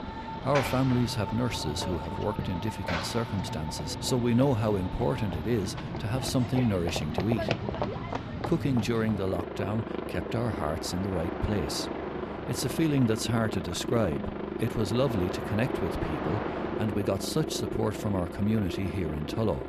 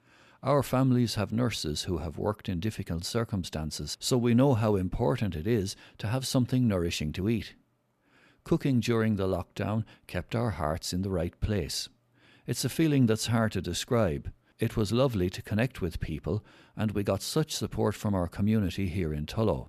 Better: second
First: train or aircraft noise; loud; throughout; 5 dB below the speech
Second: none

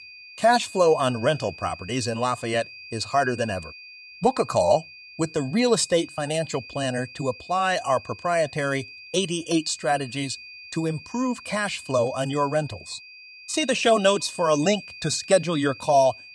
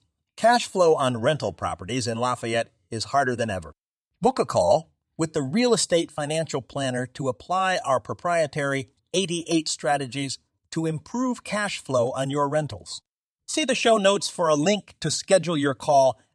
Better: second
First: high-pitched whine; noticeable; throughout; 2.5 kHz, 15 dB below the speech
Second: none

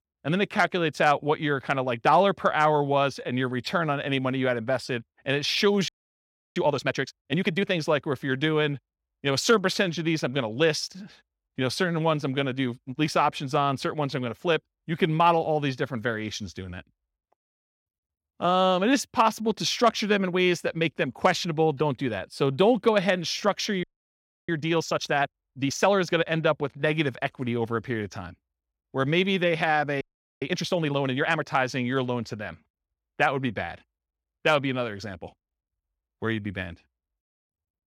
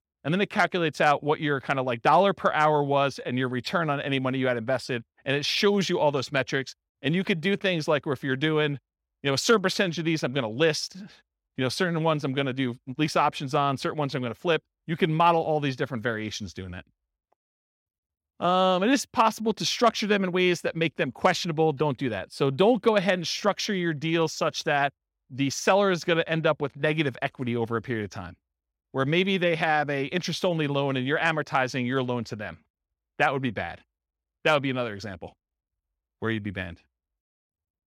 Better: second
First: audio freezing; at 6 s for 0.5 s, at 24 s for 0.5 s and at 30 s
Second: none

